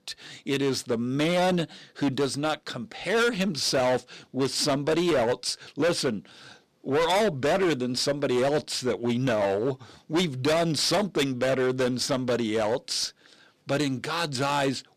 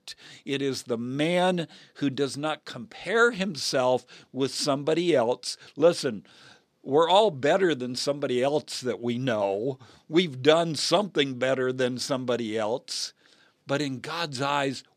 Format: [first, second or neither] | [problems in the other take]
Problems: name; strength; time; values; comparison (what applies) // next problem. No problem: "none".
second | distortion; heavy; 14% of the sound clipped